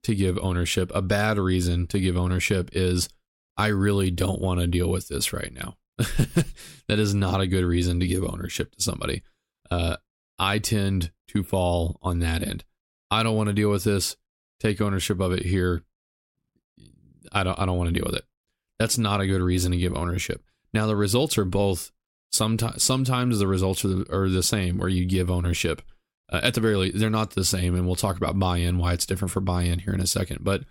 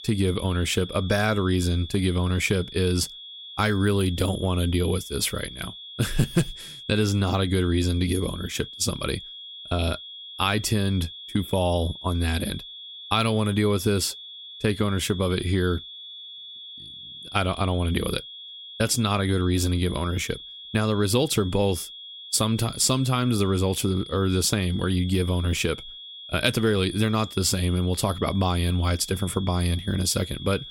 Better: first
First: none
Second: high-pitched whine; noticeable; throughout; 3.5 kHz, 15 dB below the speech

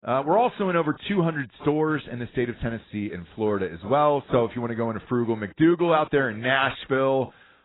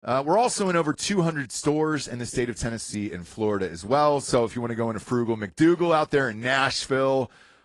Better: second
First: garbled, watery; badly; nothing above 4 kHz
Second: garbled, watery; slightly; nothing above 10 kHz

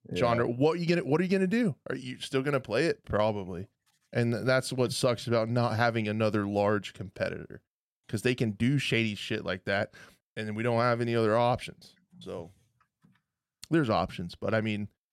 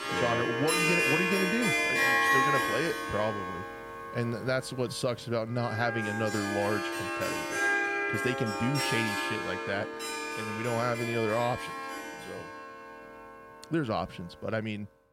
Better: first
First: none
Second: background music; very loud; throughout; 3 dB above the speech

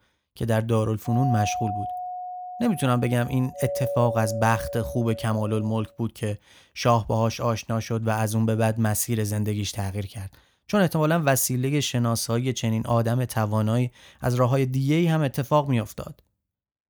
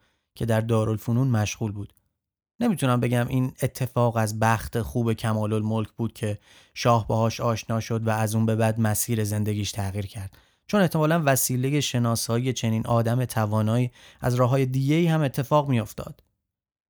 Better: second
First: doorbell; noticeable; from 1 to 6 s; peak 4 dB below the speech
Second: none

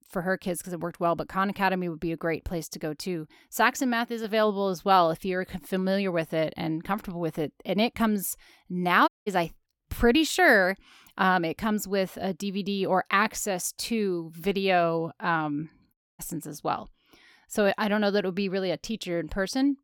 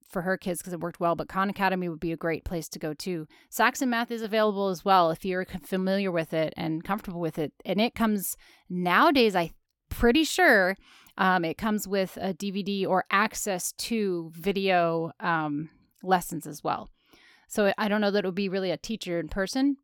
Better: second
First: audio cutting out; at 9 s and at 16 s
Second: none

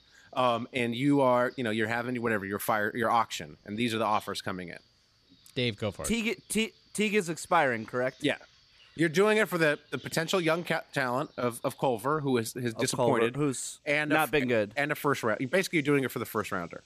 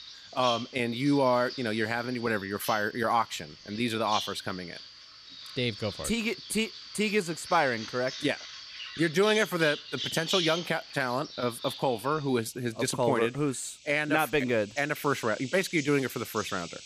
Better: first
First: animal sounds; faint; throughout; 25 dB below the speech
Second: animal sounds; loud; throughout; 10 dB below the speech

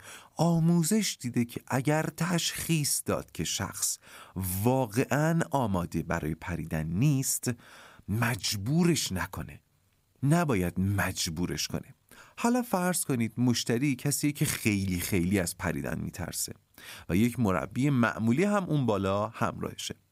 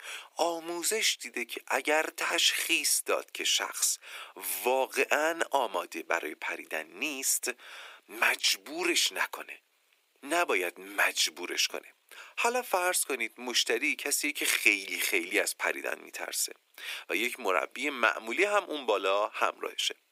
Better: first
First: none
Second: thin; very; fading below 350 Hz

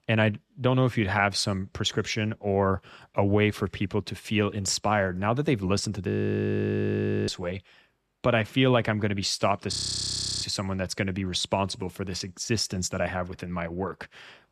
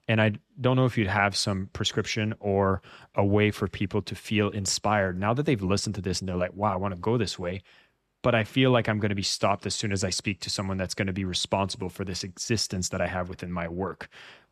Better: second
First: audio freezing; at 6 s for 1 s and at 9.5 s for 0.5 s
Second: none

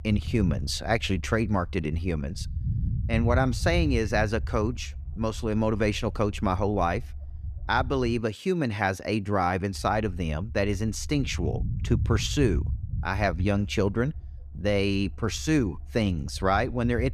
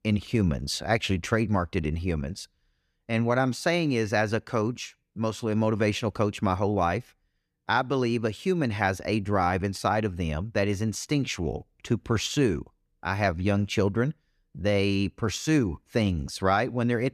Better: second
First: low rumble; faint; until 8 s and from 9.5 s on; 20 dB below the speech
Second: none

